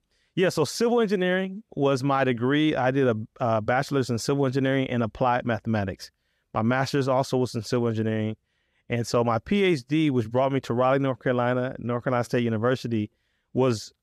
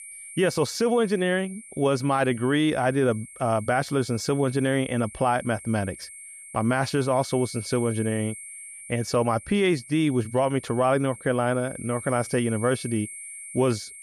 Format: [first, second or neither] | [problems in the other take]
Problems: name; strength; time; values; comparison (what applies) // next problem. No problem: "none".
first | high-pitched whine; noticeable; throughout; 8.5 kHz, 15 dB below the speech